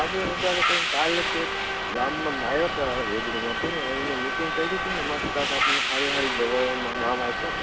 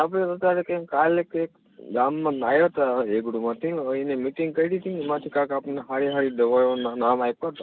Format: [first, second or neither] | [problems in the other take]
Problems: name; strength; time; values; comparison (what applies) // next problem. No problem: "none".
second | background sound (Subway, metro, underground); 3 dB above the speech